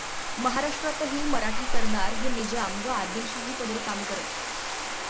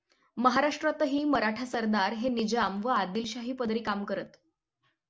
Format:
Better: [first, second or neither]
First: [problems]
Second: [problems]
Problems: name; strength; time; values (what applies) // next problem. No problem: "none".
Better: second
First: background sound (Bathtub (filling or washing)); 5 dB above the speech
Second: none